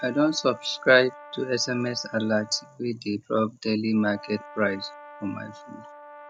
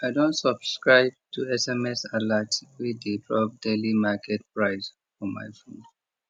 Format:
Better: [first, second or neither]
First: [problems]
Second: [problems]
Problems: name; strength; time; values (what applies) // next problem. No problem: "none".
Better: second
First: background sound (Brass instrument); 19 dB below the speech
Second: none